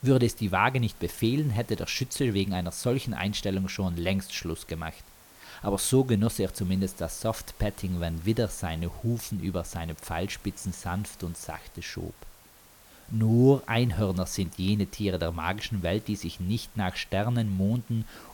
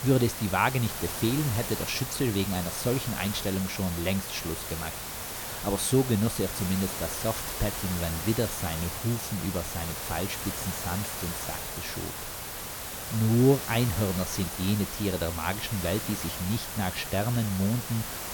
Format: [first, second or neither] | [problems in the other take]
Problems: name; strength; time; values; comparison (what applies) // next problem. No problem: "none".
first | hiss; loud; throughout; 4 dB below the speech; faint in the first